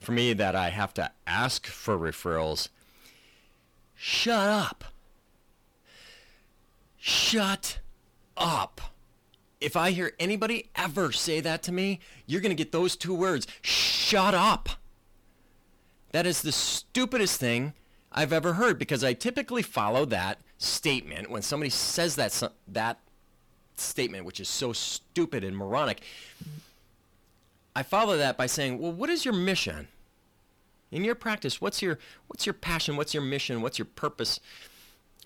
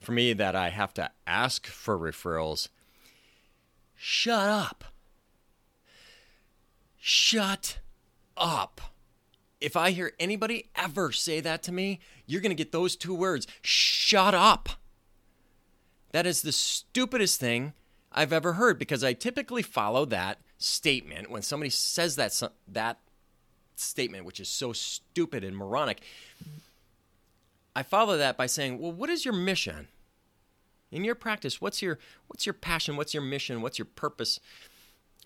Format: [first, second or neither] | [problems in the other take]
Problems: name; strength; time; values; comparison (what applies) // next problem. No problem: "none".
second | distortion; slight; 10 dB below the speech